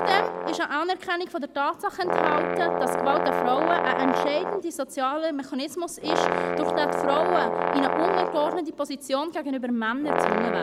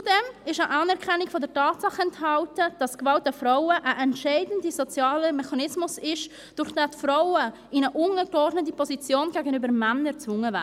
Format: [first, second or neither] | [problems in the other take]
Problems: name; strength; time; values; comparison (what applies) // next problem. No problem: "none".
second | background sound (Brass instrument); as loud as the speech